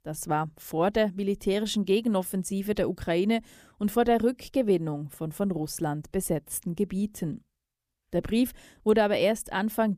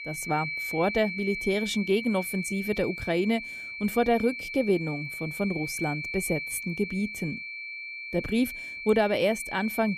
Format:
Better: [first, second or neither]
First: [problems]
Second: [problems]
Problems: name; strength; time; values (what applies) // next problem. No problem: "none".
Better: first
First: none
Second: high-pitched whine; loud; throughout; 2.5 kHz, 6 dB below the speech